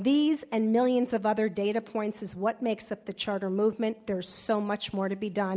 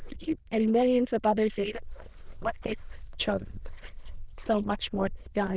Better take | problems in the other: first | noise reduction (neural diffusion model UNIVERSE++)

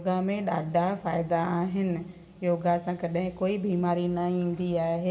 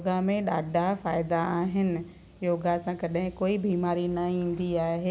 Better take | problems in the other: second | room echo; dies away in 1.5 s

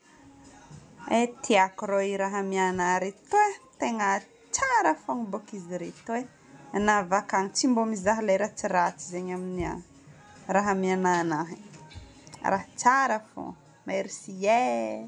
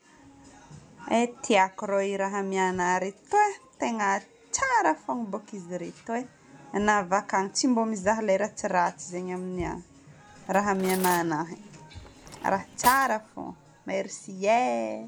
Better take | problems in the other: first | background sound (Cutlery, silverware); 13 dB below the speech

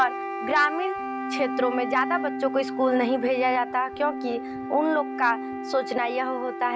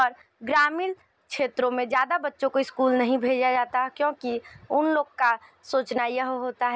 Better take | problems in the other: second | background sound (Keyboard (musical) + Wind instrument, woodwind instrument); 6 dB below the speech

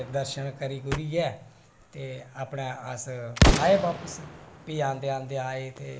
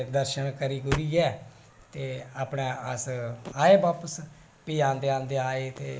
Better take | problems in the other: second | background sound (Explosion); as loud as the speech

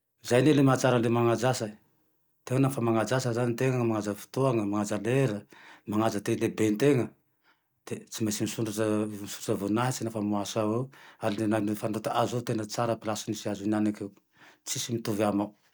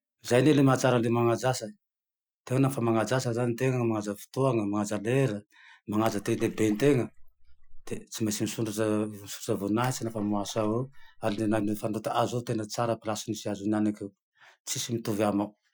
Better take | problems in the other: first | noise reduction (classical method Wiener filter)

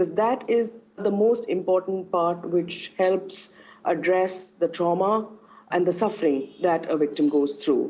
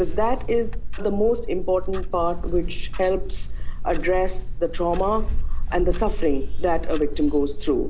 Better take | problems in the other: first | background sound (Clock); 2 dB above the speech

